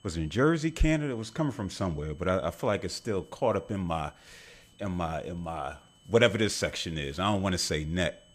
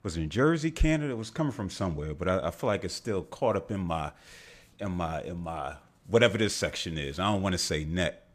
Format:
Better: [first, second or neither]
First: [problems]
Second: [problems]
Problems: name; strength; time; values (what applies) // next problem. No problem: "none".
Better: second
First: high-pitched whine; faint; throughout; 3 kHz, 30 dB below the speech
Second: none